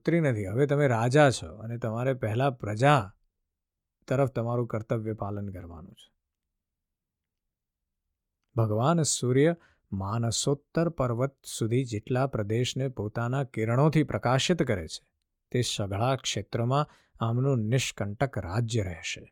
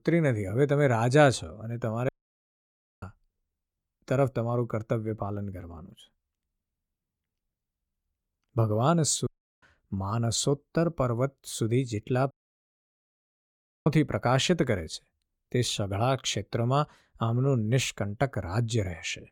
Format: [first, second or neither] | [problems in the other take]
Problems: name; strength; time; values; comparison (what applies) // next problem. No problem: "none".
first | audio cutting out; at 2 s for 1 s, at 9.5 s and at 12 s for 1.5 s